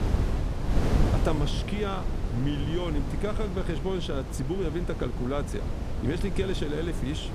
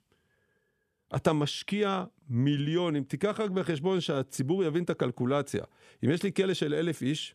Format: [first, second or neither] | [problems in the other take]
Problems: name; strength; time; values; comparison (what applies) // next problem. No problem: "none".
second | wind noise on the microphone; heavy; 4 dB below the speech